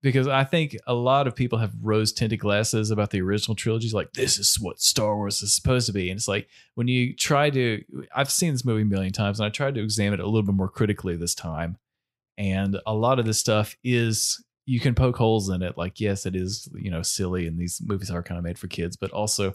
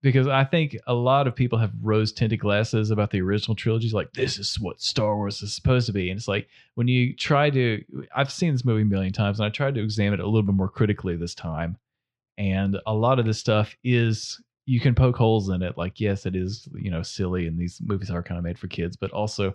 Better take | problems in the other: first | muffled; slightly; fading above 4 kHz

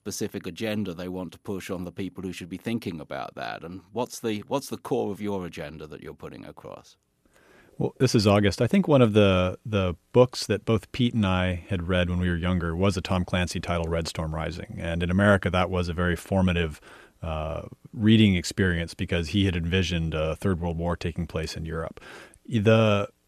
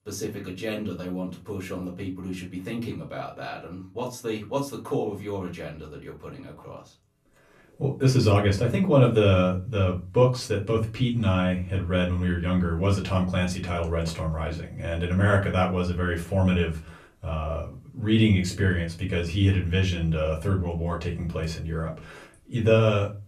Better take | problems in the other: first | off-mic speech; far // room echo; very slight; dies away in 0.3 s

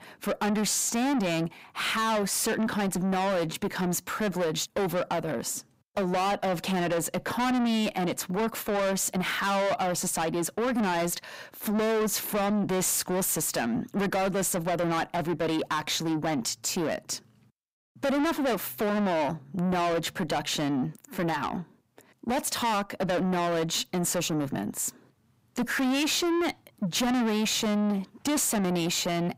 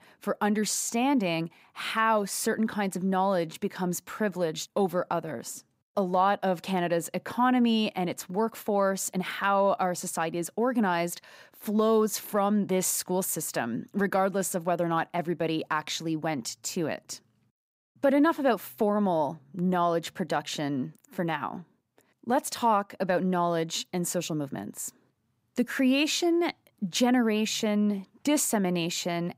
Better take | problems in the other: second | distortion; heavy; 6 dB below the speech

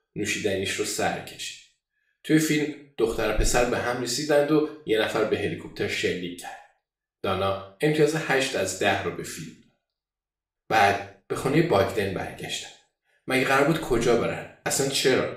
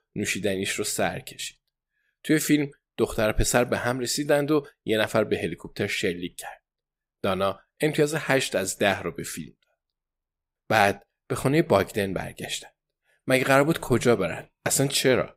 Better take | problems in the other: second | room echo; noticeable; dies away in 0.5 s // off-mic speech; somewhat distant

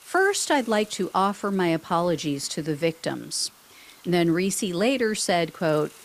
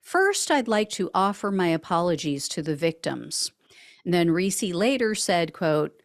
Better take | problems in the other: second | hiss; faint; throughout; 25 dB below the speech

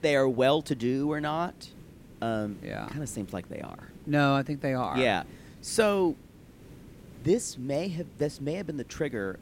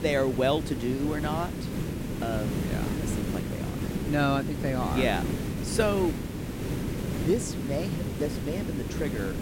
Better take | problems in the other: first | hiss; loud; throughout; 2 dB below the speech; faint in the first

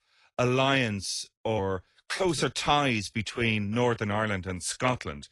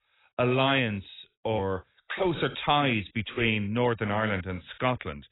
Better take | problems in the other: first | garbled, watery; badly; nothing above 4 kHz; slightly in the first

